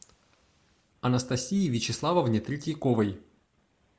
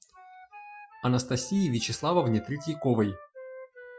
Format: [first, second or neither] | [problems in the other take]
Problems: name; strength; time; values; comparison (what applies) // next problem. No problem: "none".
first | noise reduction (classical method Wiener filter)